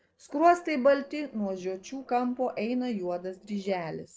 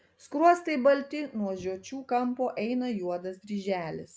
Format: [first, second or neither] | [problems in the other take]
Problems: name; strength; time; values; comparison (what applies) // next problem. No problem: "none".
second | noise reduction (neural separator model SepFormer DNS4)